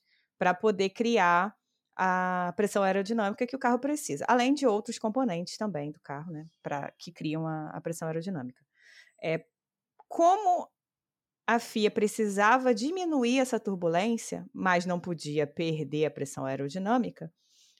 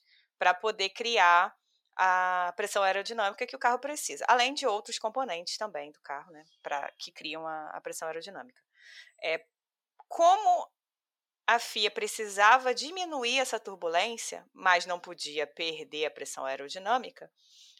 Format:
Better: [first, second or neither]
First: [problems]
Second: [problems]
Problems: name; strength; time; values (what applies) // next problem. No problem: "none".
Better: first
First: none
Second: thin; very; fading below 750 Hz